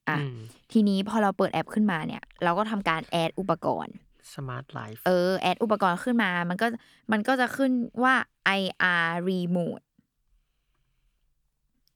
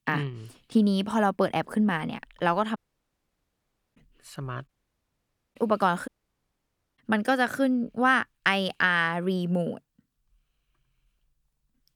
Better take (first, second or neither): first